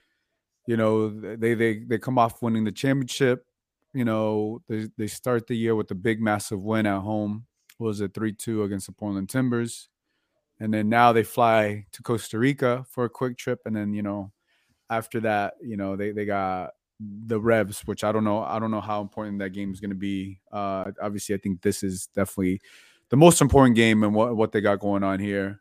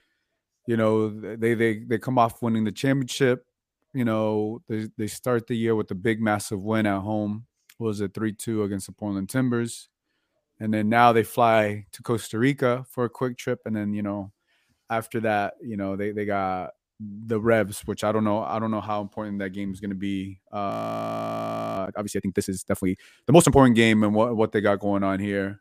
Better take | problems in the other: first | audio freezing; at 21 s for 1 s

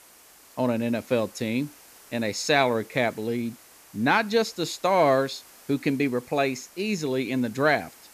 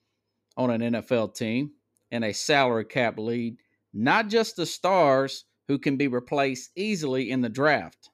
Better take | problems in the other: second | hiss; faint; throughout; 25 dB below the speech

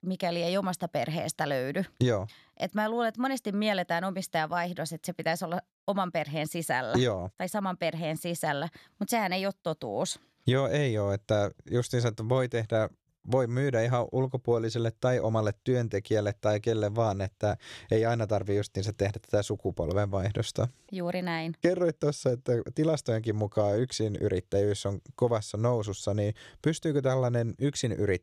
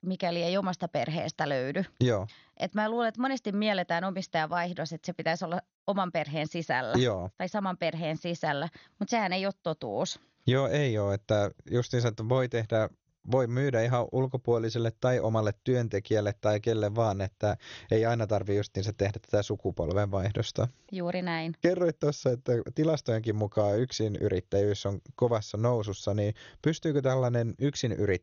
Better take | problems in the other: first | garbled, watery; slightly; nothing above 6.5 kHz

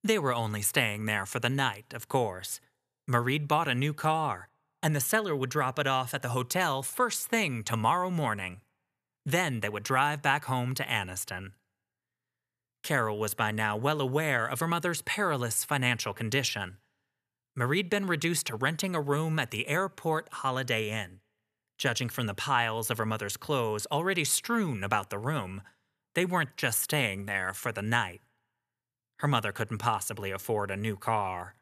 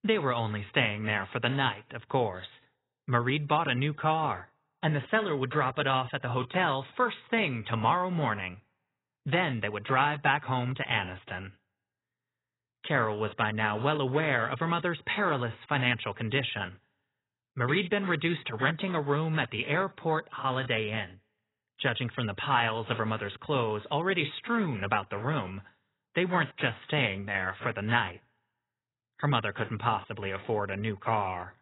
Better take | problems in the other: first | garbled, watery; badly; nothing above 4 kHz

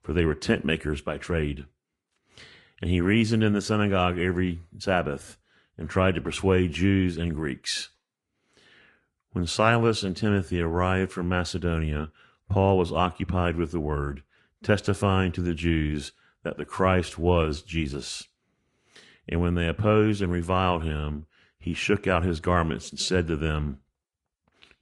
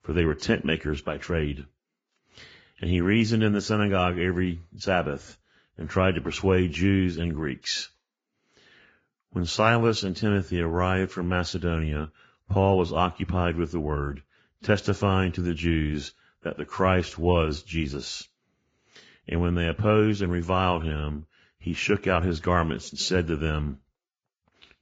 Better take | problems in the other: first | garbled, watery; badly; nothing above 7.5 kHz; slightly in the first

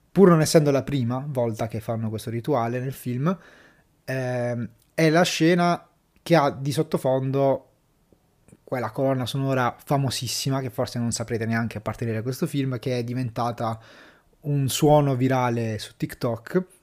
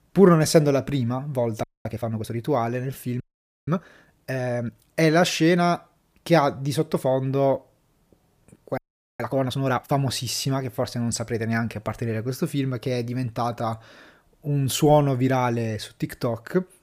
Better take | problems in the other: first | audio freezing; at 1.5 s, at 3 s and at 9 s

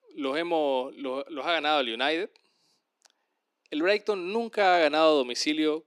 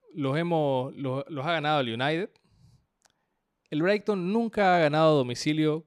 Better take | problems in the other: second | thin; very slightly; fading below 250 Hz

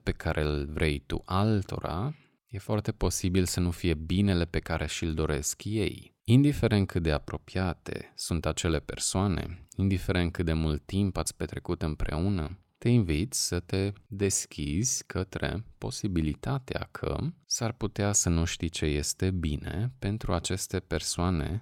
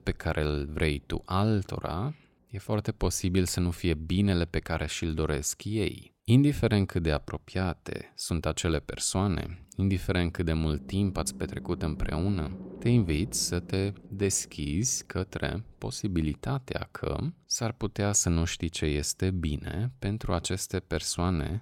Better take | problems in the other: first | low rumble; noticeable; throughout; 20 dB below the speech

